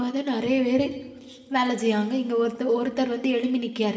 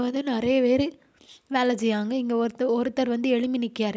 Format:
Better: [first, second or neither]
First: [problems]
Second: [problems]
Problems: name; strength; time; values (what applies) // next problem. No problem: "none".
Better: second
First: room echo; dies away in 2.2 s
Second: none